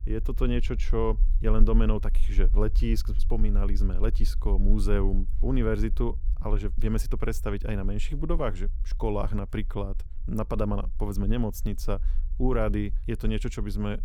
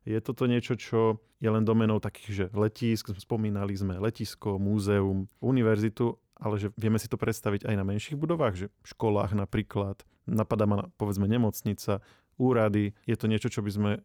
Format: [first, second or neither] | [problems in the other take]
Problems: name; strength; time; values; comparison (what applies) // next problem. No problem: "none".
second | low rumble; faint; throughout; 20 dB below the speech